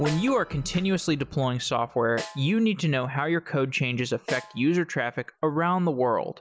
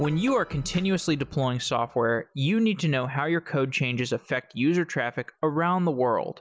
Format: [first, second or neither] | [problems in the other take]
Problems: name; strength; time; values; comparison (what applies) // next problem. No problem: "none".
second | background sound (Snare drum); 18 dB below the speech